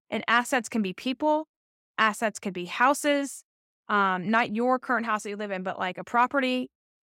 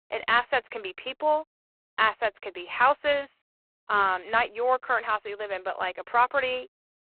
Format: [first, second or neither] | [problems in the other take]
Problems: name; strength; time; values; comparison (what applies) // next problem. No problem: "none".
first | phone-call audio; poor line